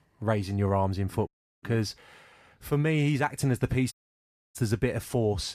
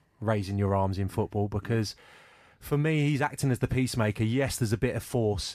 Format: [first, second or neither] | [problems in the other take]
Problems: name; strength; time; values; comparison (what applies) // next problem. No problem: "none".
second | audio cutting out; at 1.5 s and at 4 s for 0.5 s